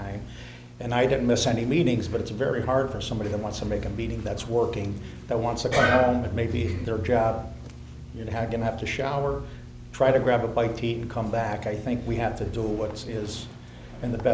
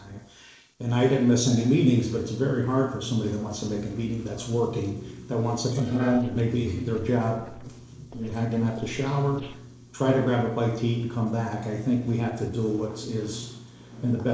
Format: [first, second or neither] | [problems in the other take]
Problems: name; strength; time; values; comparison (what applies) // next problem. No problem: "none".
first | noise reduction (neural separator model SepFormer DNS4)